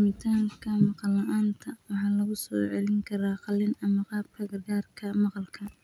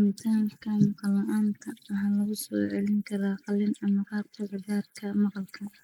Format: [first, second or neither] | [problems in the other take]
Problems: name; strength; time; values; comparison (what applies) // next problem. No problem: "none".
first | noise reduction (neural mask model Resemble Enhance denoiser)